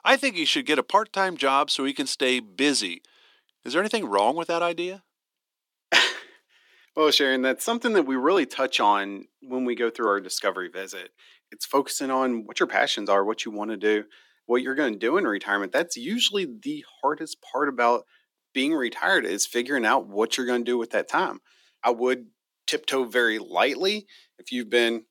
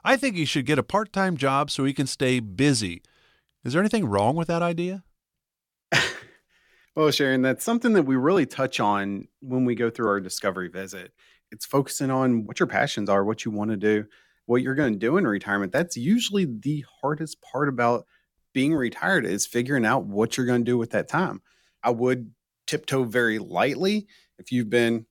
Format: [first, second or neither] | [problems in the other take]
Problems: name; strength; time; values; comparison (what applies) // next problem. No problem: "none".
second | thin; very slightly; fading below 300 Hz